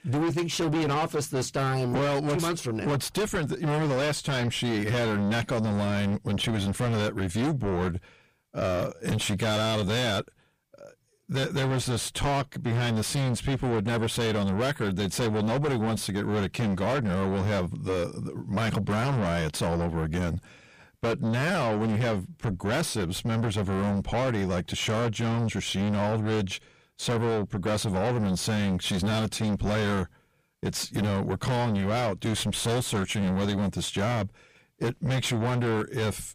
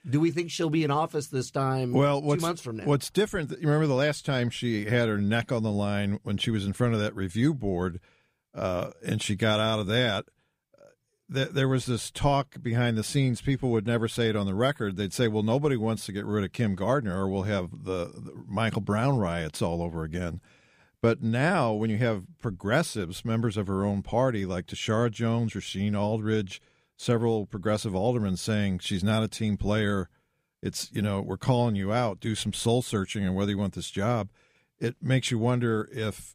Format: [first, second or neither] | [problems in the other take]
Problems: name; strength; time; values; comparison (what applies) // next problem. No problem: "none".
second | distortion; heavy; 5 dB below the speech